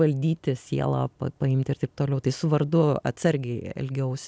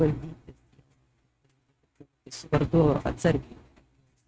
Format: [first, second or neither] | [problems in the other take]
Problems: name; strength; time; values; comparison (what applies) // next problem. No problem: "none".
first | noise reduction (neural mask model RNNoise)